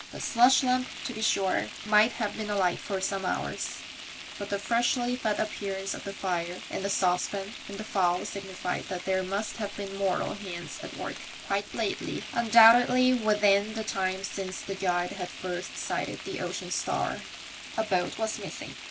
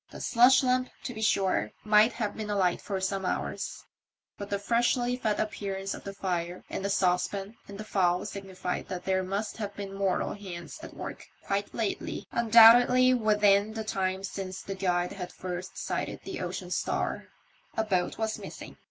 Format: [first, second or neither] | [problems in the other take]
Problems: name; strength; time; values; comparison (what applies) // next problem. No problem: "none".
second | background sound (Frying (food)); 13 dB below the speech